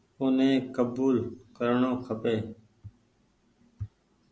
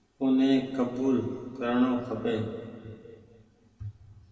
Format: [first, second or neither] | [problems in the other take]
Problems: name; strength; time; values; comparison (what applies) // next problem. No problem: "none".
first | room echo; dies away in 2 s